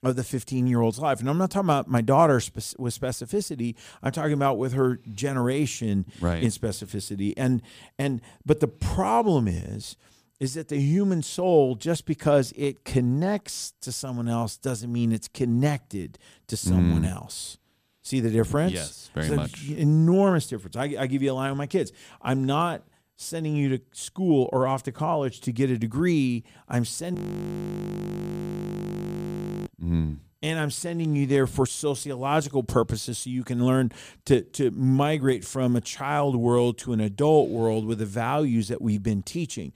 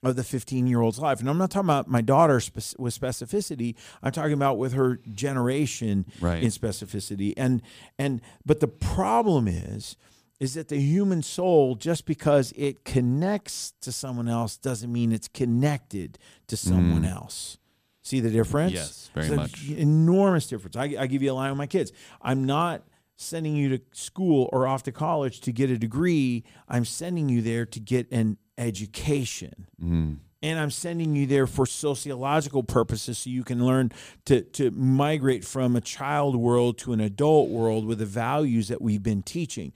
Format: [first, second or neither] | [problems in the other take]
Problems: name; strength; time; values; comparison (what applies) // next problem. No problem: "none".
second | audio freezing; at 27 s for 2.5 s